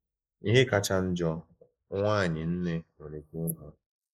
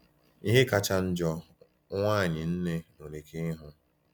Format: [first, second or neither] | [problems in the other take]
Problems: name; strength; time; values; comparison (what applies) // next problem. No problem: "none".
second | noise reduction (neural mask model Resemble Enhance denoiser)